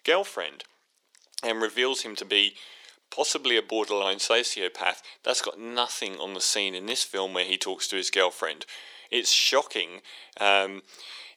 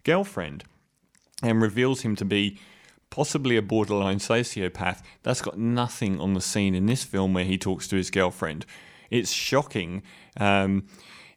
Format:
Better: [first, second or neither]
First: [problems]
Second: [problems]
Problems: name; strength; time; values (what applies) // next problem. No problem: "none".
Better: second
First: thin; very; fading below 400 Hz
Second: none